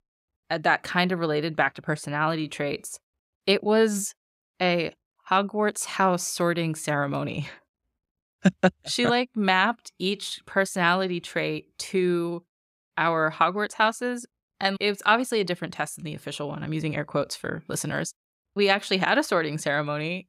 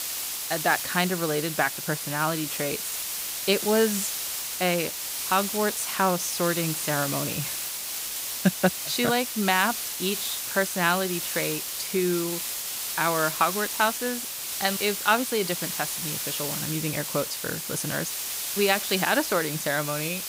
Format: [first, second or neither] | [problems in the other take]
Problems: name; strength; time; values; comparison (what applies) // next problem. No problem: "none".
first | hiss; loud; throughout; 2 dB below the speech